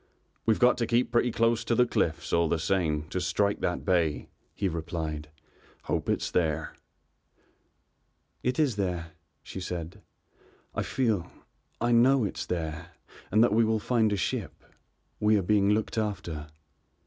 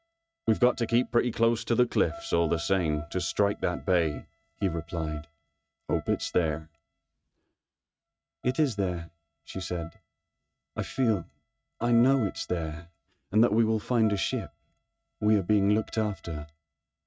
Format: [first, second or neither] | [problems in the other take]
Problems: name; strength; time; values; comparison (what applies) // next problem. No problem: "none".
first | noise reduction (neural mask model RNNoise)